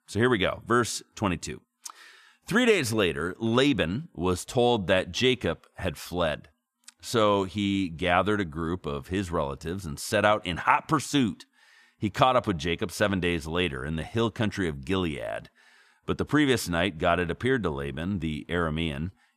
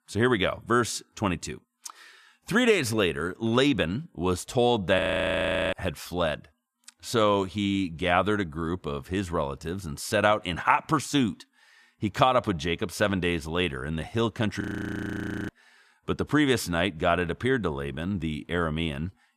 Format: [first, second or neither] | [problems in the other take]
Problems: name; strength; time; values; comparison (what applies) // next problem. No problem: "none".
first | audio freezing; at 5 s for 0.5 s and at 15 s for 1 s